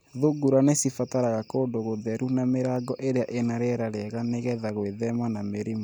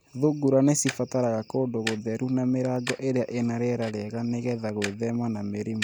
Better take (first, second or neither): first